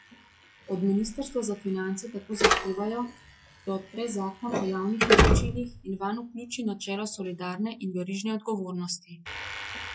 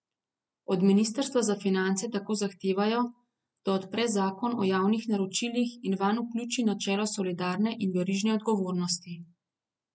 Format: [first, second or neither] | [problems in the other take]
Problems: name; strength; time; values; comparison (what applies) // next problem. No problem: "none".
second | noise reduction (classical method log-MMSE)